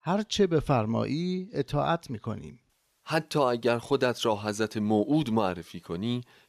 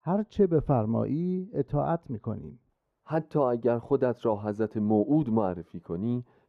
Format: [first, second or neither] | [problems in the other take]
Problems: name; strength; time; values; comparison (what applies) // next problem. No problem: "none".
first | muffled; very; fading above 2 kHz